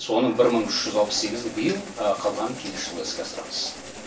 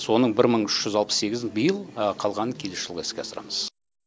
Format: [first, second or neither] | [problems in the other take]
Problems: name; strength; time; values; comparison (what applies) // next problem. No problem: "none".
second | background sound (Engine starting); 13 dB below the speech // room echo; dies away in 0.3 s